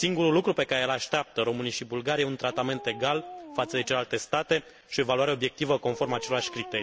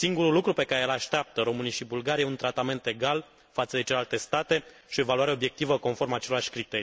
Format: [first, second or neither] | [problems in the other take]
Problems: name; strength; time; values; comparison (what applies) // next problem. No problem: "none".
second | background sound (Dog); 18 dB below the speech